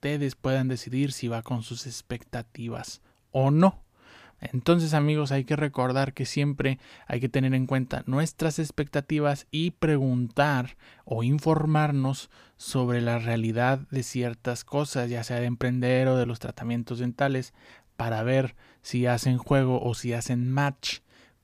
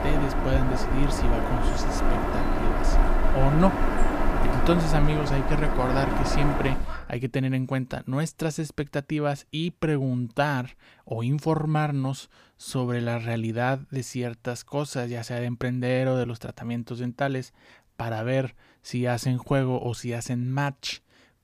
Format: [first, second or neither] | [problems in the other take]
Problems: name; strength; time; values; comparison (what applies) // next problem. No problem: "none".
first | animal sounds; very loud; until 7 s; 1 dB above the speech